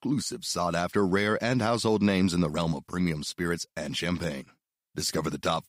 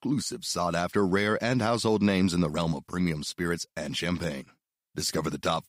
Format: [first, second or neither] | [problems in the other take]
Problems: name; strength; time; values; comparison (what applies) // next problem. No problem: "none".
neither | none